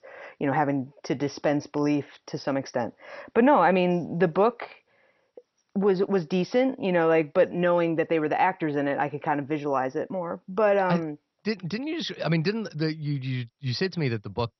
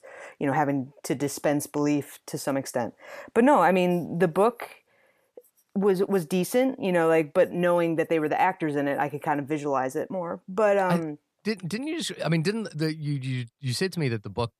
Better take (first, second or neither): second